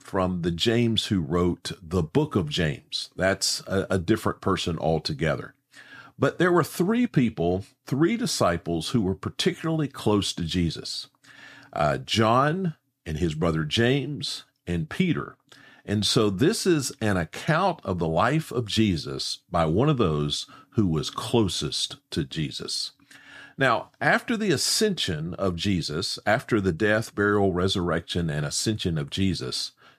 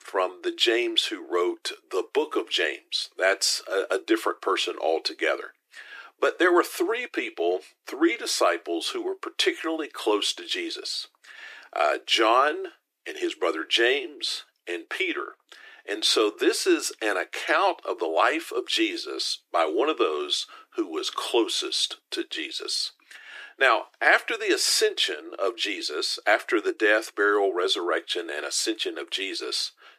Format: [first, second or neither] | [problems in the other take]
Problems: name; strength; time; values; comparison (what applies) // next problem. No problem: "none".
first | thin; very; fading below 350 Hz